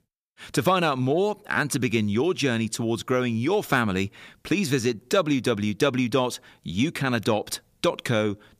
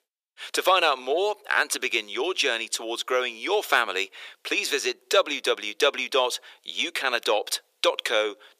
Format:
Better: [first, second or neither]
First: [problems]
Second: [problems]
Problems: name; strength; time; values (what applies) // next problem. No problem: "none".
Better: first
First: none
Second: thin; very; fading below 400 Hz